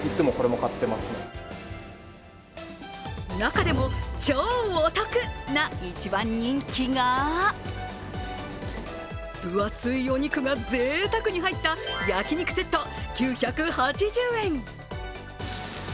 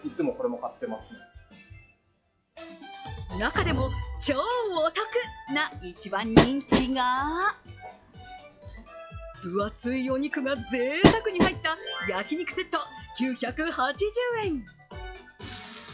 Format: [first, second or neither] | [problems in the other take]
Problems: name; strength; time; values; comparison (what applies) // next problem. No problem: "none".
first | noise reduction (classical method log-MMSE)